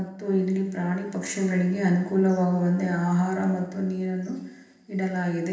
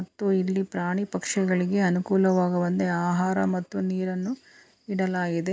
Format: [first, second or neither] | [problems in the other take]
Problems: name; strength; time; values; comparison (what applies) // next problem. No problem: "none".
second | room echo; dies away in 0.9 s